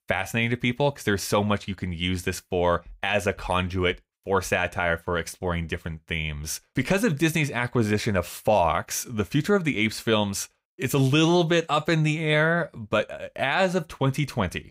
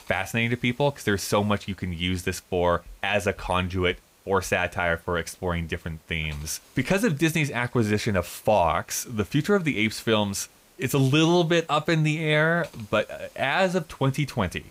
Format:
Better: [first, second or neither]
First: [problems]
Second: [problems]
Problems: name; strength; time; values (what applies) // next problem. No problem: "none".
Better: first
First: none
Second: hiss; faint; throughout; 30 dB below the speech